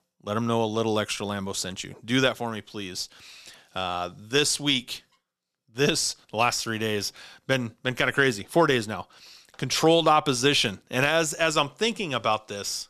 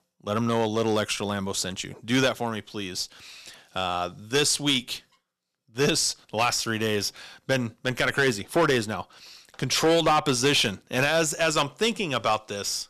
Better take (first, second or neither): first